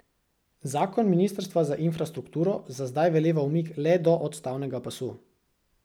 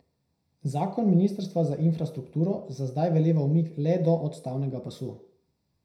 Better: first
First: none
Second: room echo; dies away in 0.4 s

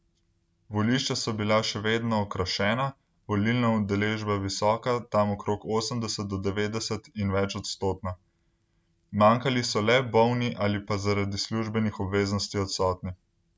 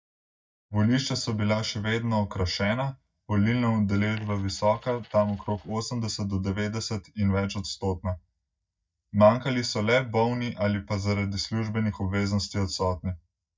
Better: first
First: none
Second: noise reduction (neural mask model DeepFilterNet 3)

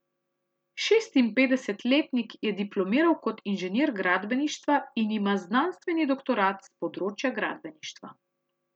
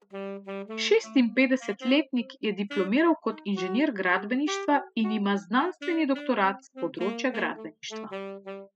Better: first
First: none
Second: noise reduction (classical method spectral subtraction)

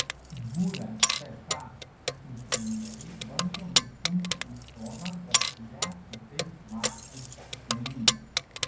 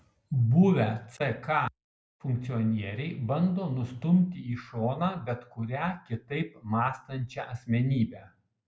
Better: second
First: background sound (Keys jangling); 5 dB above the speech // room echo; dies away in 0.5 s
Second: none

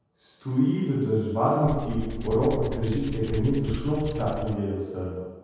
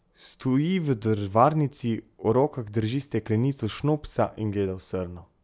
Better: second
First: background sound (Tools); 6 dB below the speech // room echo; dies away in 1.2 s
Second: none

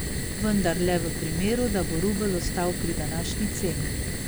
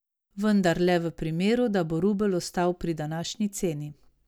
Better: second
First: background sound (Fire); 1 dB below the speech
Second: none

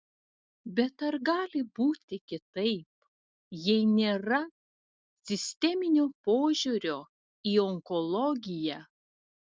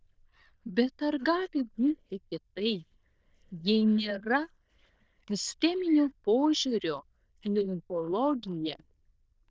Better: first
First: none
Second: noise reduction (neural diffusion model UNIVERSE++)

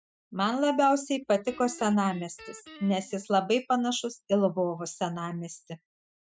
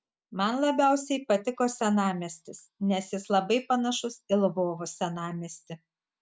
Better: second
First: noise reduction (classical method spectral subtraction)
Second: none

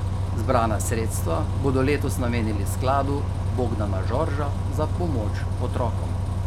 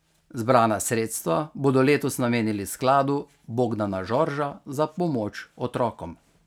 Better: second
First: background sound (Bus); 3 dB above the speech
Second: none

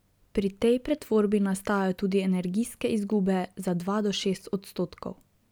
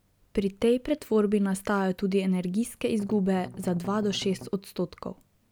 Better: first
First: none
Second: background sound (Strum); 15 dB below the speech

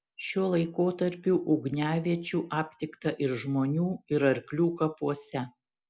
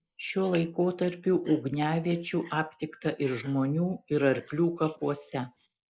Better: first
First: none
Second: noise reduction (neural mask model Resemble Enhance denoiser)

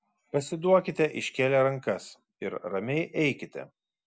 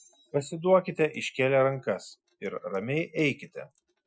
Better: first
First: none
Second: noise reduction (classical method Wiener filter)

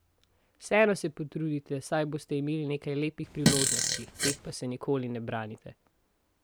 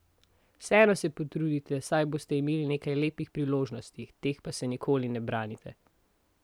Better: second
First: background sound (Fart); 3 dB above the speech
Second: none

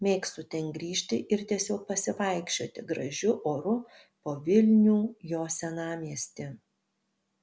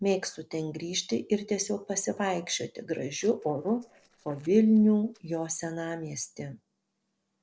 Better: first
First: none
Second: noise reduction (neural separator model SepFormer DNS4)

